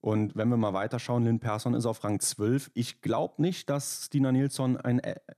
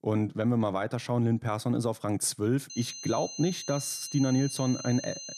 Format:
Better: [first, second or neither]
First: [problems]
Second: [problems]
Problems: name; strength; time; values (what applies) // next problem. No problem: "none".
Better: first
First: none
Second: high-pitched whine; loud; from 2.5 s on; 6 kHz, 9 dB below the speech